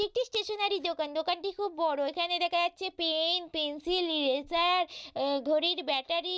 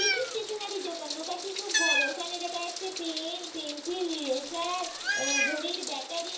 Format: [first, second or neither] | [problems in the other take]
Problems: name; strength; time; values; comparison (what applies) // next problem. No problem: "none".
first | background sound (Meow); 2 dB above the speech // room echo; dies away in 0.7 s